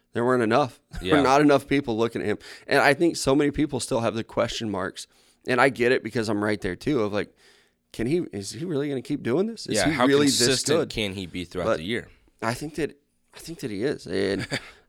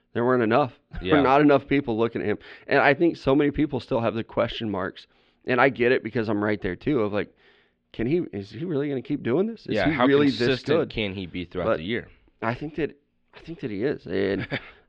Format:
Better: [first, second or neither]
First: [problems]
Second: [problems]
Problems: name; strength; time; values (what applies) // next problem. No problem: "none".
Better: first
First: none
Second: muffled; slightly; fading above 3 kHz